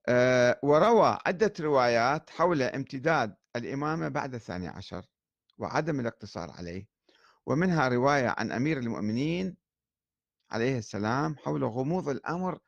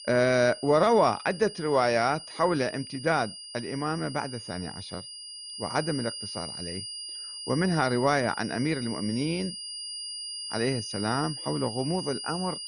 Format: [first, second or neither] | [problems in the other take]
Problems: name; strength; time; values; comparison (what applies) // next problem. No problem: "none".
first | high-pitched whine; loud; throughout; 5 kHz, 9 dB below the speech